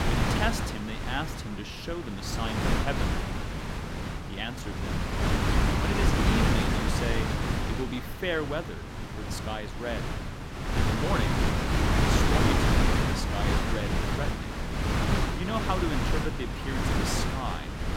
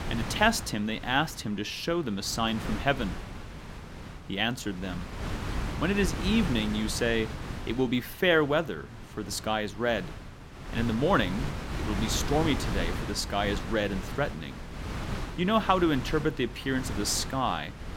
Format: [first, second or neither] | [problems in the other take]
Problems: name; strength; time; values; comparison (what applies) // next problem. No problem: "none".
second | wind noise on the microphone; heavy; 4 dB above the speech; occasional gusts in the second